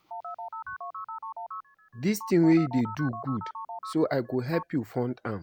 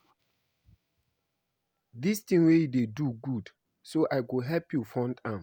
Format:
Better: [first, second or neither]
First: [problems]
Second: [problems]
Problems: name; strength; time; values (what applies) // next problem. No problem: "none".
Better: second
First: background sound (Telephone); 11 dB below the speech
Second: none